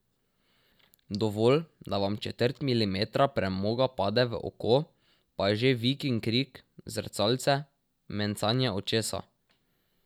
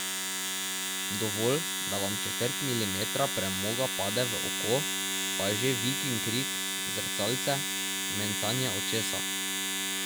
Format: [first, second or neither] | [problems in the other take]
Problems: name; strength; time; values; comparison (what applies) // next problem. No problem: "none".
first | background sound (Domestic sounds, home sounds); 2 dB above the speech